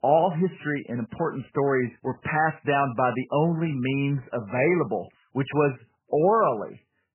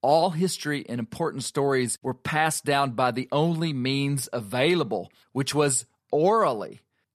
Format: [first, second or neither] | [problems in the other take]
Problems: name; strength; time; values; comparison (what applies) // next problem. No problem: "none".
second | garbled, watery; badly; nothing above 3 kHz